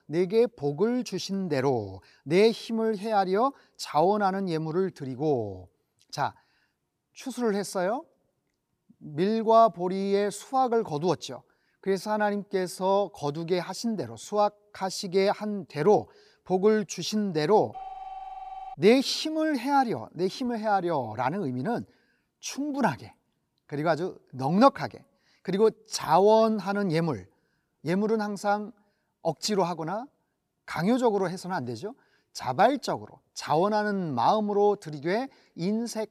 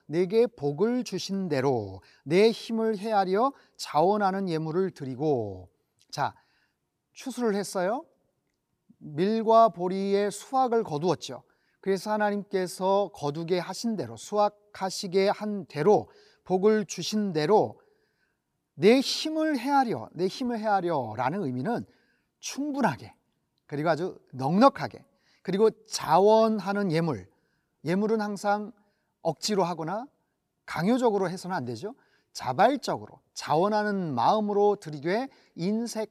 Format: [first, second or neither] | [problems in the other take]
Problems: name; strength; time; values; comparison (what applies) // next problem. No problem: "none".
second | phone ringing; faint; from 18 to 19 s; peak 15 dB below the speech